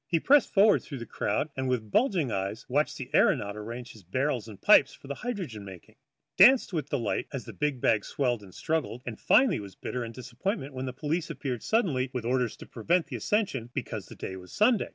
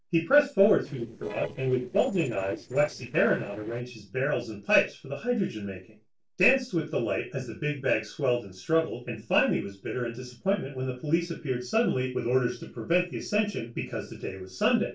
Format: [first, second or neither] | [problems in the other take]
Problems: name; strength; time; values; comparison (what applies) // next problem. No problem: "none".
first | noise reduction (neural separator model SepFormer DNS4)